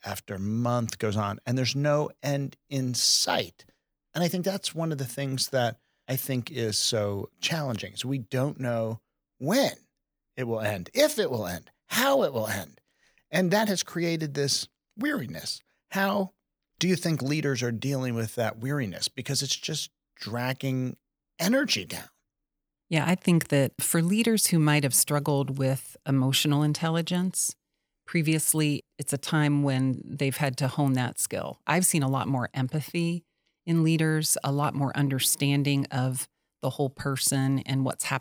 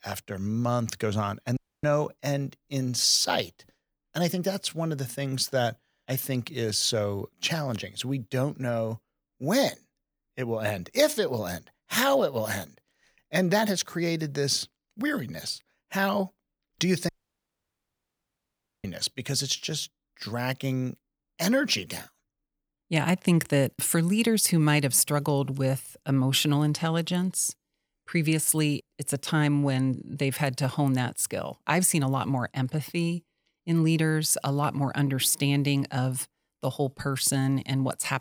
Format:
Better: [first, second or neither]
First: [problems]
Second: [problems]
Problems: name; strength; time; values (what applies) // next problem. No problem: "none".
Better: first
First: none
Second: audio cutting out; at 1.5 s and at 17 s for 2 s